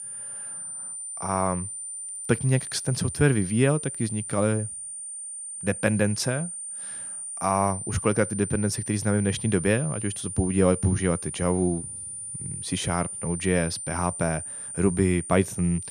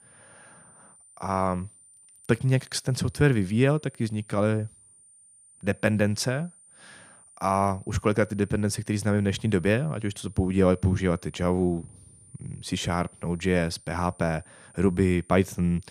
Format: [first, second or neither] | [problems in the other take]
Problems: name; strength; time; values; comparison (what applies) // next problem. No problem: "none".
second | high-pitched whine; loud; throughout; 9 kHz, 7 dB below the speech; faint in the second